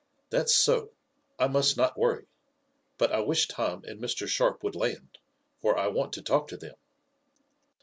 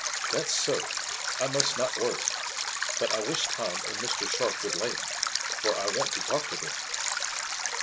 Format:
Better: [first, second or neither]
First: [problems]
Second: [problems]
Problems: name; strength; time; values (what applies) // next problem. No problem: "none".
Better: first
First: none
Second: background sound (Stream); 2 dB above the speech